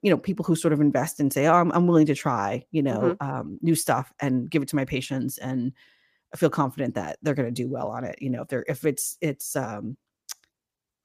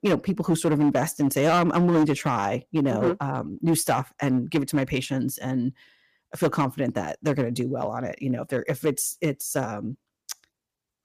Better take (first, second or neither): first